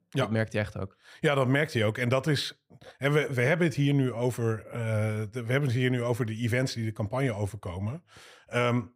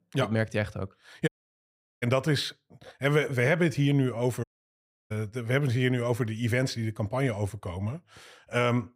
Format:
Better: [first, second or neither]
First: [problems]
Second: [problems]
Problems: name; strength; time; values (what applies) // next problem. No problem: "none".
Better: first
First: none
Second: audio cutting out; at 1.5 s for 0.5 s and at 4.5 s for 0.5 s